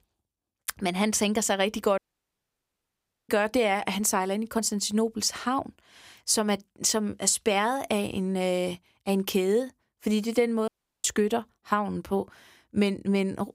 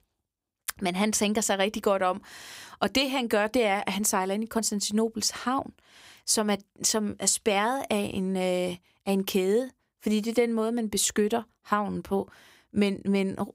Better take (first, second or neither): second